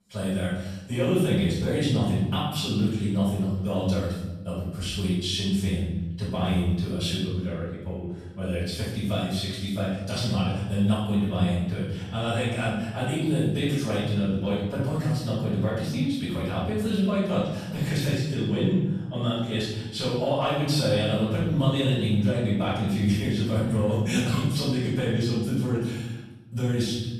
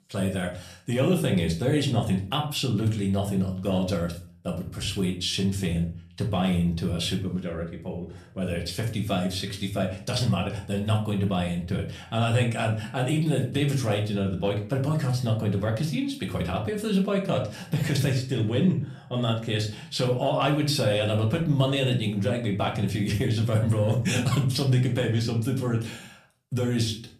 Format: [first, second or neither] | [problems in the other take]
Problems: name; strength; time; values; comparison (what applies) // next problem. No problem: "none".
second | room echo; strong; dies away in 1 s; slight in the second // off-mic speech; far; somewhat distant in the second